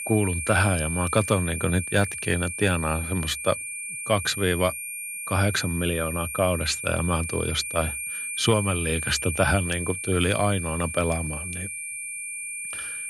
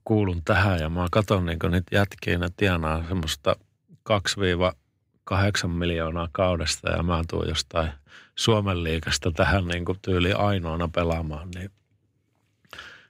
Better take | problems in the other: second | high-pitched whine; loud; throughout; 2.5 kHz, 5 dB below the speech

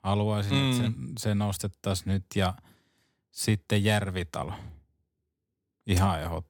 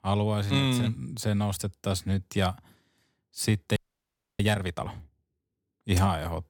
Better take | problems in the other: first | audio freezing; at 4 s for 0.5 s

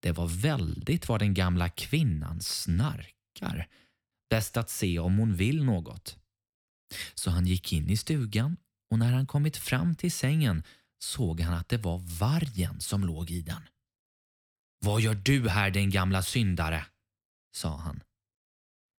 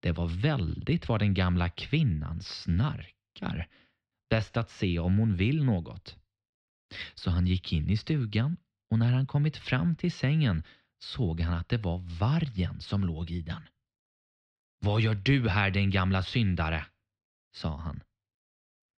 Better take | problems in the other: first | muffled; very slightly; fading above 4 kHz

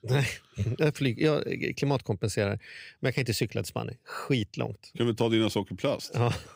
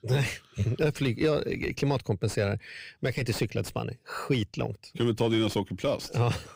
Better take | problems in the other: first | distortion; slight; 10 dB below the speech

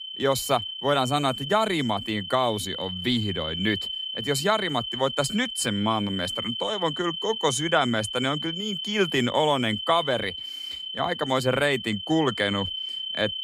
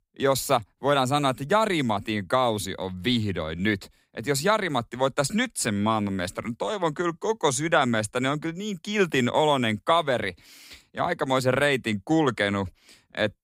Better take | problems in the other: second | high-pitched whine; loud; throughout; 3 kHz, 5 dB below the speech

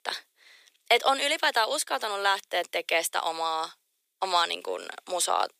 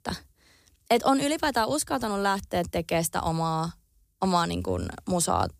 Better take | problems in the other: second | thin; very; fading below 400 Hz

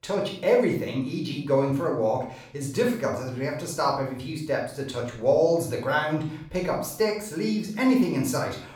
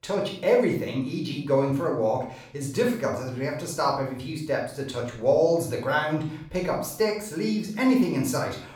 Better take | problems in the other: neither | off-mic speech; somewhat distant; the same in both // room echo; noticeable; dies away in 0.5 s; the same in both

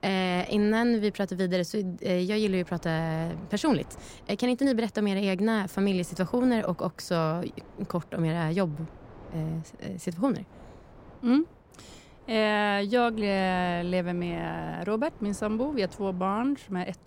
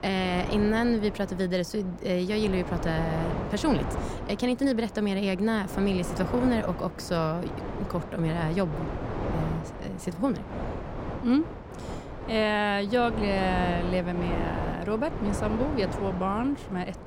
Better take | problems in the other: first | wind noise on the microphone; heavy; 8 dB below the speech; occasional gusts in the first

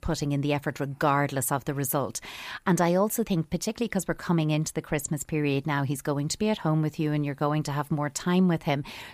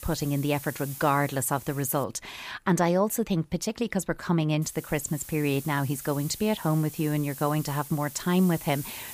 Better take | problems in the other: first | hiss; noticeable; until 2 s and from 4.5 s on; 15 dB below the speech

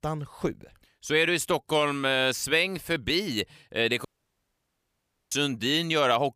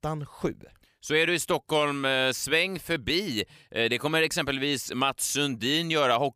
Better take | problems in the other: second | audio cutting out; at 4 s for 1.5 s

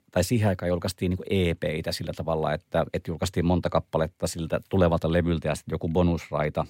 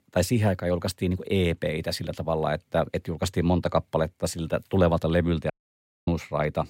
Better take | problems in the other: first | audio cutting out; at 5.5 s for 0.5 s

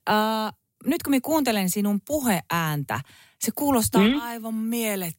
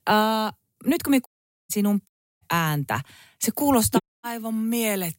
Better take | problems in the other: first | audio cutting out; at 1.5 s, at 2 s and at 4 s

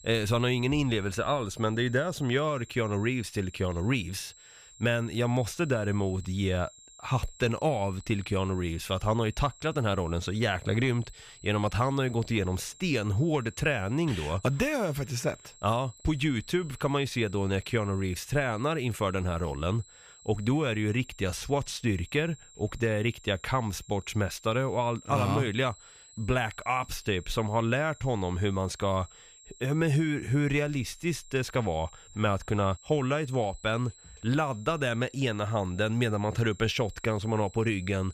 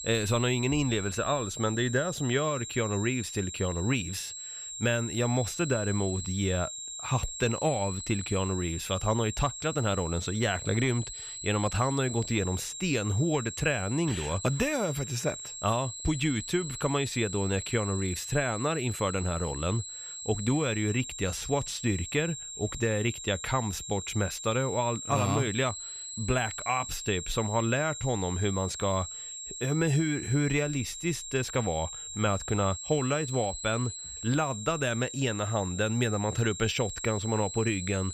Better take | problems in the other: first | high-pitched whine; loud; throughout; 7.5 kHz, 7 dB below the speech; faint in the first

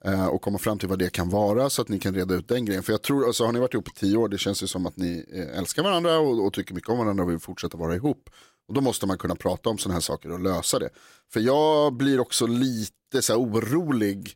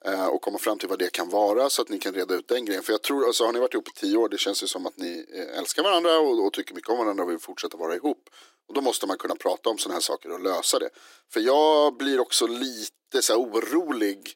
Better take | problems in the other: first | thin; somewhat; fading below 300 Hz

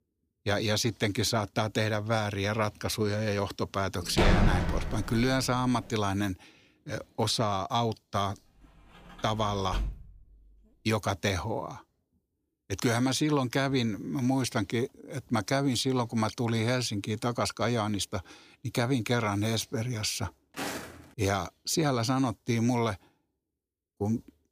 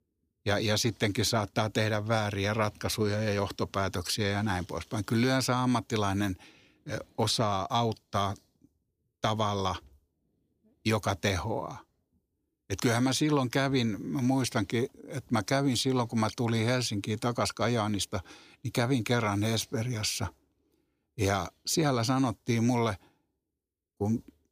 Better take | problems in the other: second | door banging; loud; from 4 to 5.5 s; peak 5 dB above the speech // door banging; noticeable; at 9 s; peak 7 dB below the speech // footsteps; noticeable; at 21 s; peak 6 dB below the speech

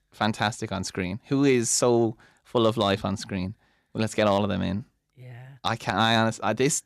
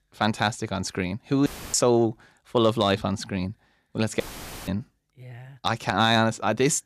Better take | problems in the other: first | audio cutting out; filled with static; at 1.5 s and at 4 s

